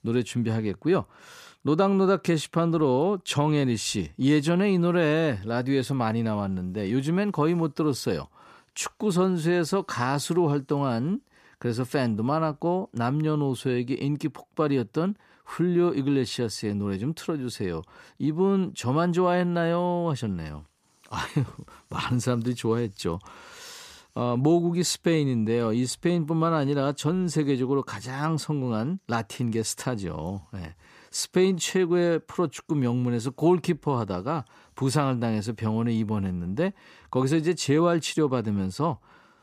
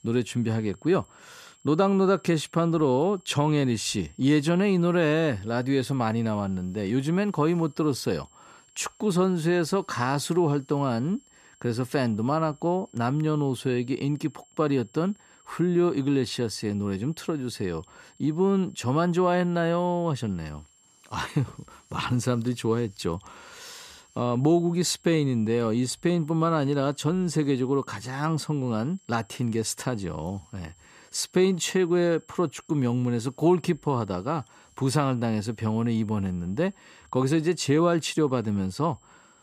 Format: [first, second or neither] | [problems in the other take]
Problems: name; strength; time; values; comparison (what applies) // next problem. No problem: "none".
first | high-pitched whine; faint; throughout; 7.5 kHz, 30 dB below the speech